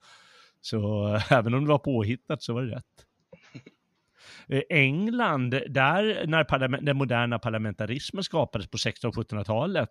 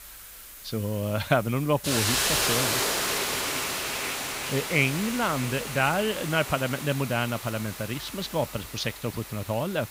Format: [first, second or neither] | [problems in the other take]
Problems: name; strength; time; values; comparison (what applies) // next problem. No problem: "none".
first | hiss; loud; throughout; as loud as the speech